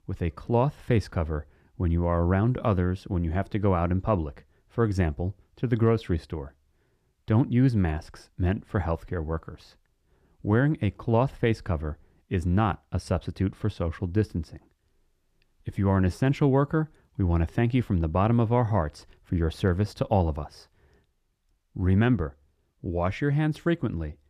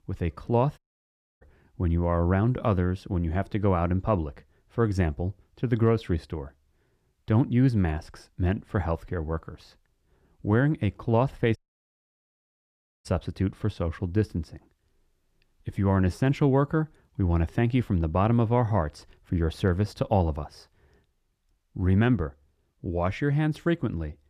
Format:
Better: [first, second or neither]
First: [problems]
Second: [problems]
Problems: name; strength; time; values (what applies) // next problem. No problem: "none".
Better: first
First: none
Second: audio cutting out; at 1 s for 0.5 s and at 12 s for 1.5 s